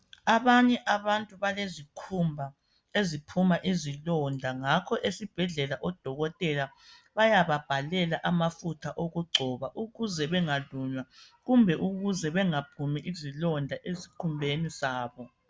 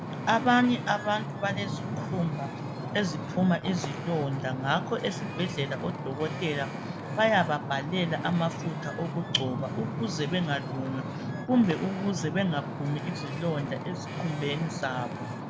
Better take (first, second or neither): first